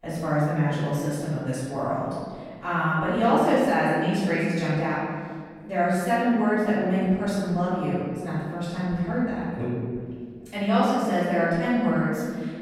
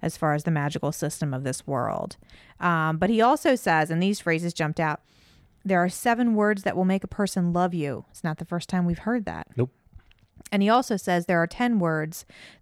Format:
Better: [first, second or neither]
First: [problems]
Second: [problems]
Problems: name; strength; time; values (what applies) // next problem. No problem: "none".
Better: second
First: room echo; strong; dies away in 2 s // off-mic speech; far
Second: none